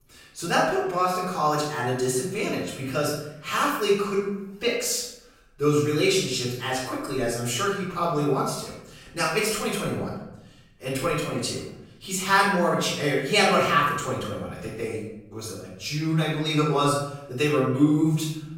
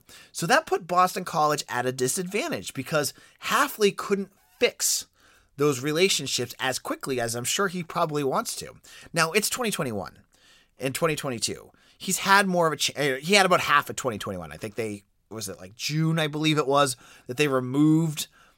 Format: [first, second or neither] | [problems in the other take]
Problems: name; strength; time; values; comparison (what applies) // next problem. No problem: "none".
second | off-mic speech; far // room echo; noticeable; dies away in 0.8 s